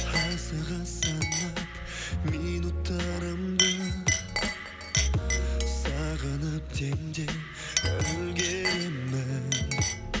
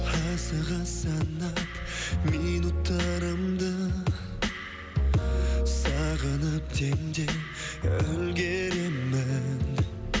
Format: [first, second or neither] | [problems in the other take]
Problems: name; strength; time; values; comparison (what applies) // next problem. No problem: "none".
second | background sound (Chink, clink); 4 dB below the speech